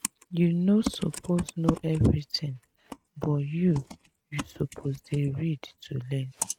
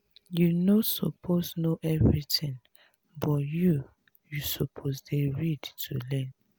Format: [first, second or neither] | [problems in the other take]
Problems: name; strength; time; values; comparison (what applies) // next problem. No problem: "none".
second | noise reduction (neural mask model RNNoise)